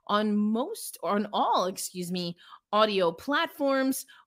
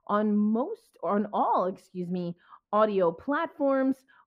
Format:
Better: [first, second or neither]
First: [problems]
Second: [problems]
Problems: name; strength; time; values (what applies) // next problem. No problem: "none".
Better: first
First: none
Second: muffled; very; fading above 3 kHz